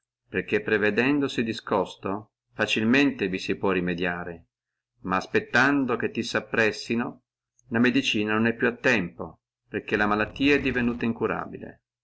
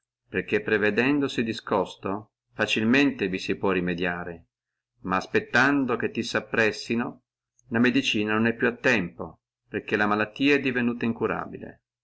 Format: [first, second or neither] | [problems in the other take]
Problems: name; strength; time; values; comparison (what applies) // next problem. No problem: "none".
second | background sound (Wind); 16 dB below the speech